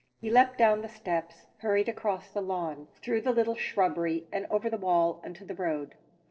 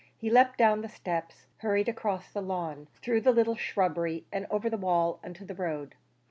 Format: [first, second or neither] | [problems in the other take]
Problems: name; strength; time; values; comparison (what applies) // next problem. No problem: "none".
second | noise reduction (neural separator model SepFormer DNS4)